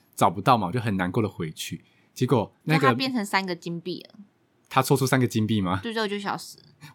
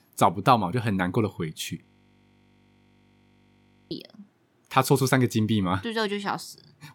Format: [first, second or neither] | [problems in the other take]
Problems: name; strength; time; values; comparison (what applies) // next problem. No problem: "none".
first | audio freezing; at 2 s for 2 s